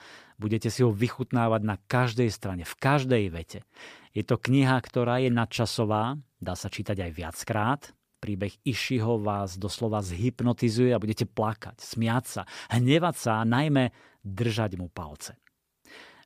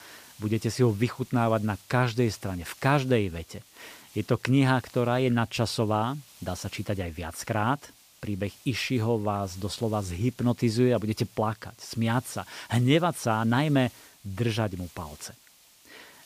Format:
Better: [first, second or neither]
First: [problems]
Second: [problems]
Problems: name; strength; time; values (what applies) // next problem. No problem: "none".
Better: first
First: none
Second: hiss; faint; throughout; 25 dB below the speech